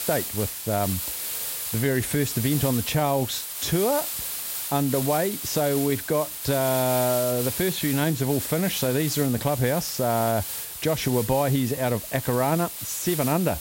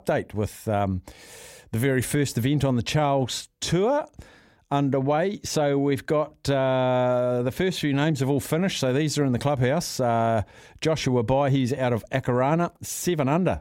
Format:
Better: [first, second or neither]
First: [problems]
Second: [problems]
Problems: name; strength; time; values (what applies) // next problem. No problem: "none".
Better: second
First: hiss; loud; throughout; 4 dB below the speech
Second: none